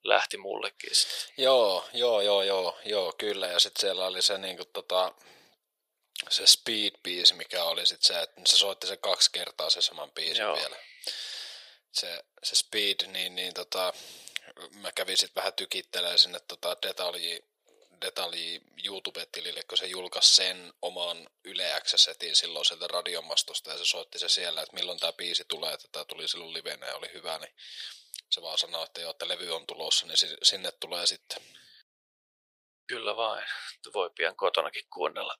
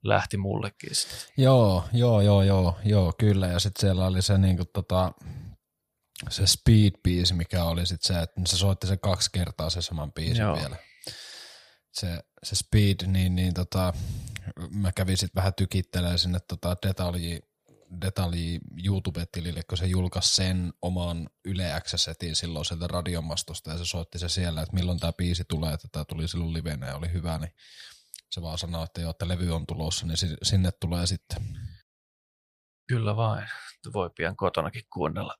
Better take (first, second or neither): second